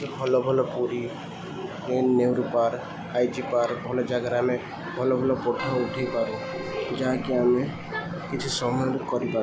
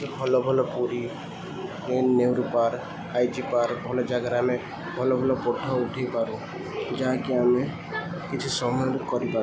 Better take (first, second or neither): second